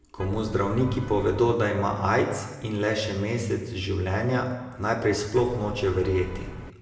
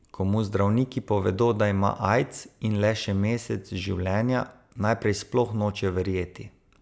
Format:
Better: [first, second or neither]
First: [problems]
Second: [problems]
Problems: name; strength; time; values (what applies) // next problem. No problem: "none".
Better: second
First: background sound (Vehicle horn, car horn, honking); 12 dB below the speech // room echo; dies away in 1.1 s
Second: none